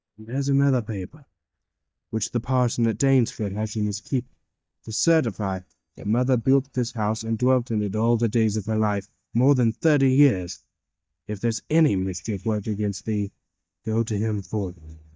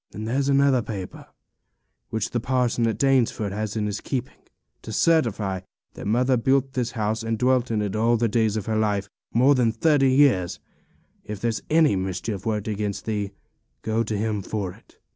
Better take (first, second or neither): second